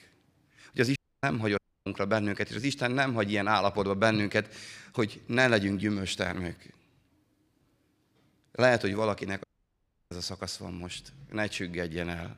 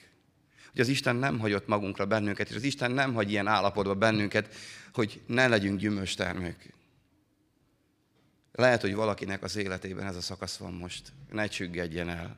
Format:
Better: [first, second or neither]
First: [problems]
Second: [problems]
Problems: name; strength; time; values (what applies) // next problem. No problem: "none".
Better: second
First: audio cutting out; at 1 s, at 1.5 s and at 9.5 s for 0.5 s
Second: none